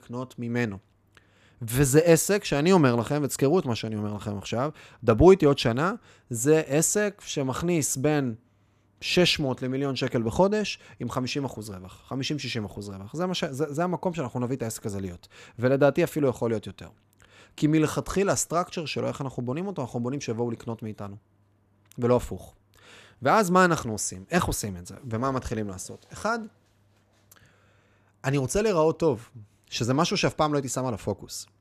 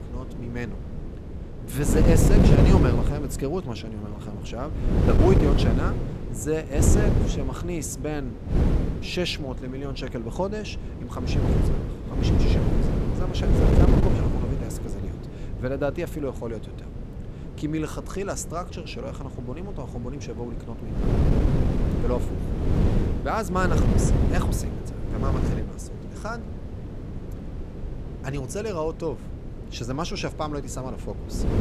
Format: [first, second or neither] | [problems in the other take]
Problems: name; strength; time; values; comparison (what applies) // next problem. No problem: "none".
first | wind noise on the microphone; heavy; 1 dB below the speech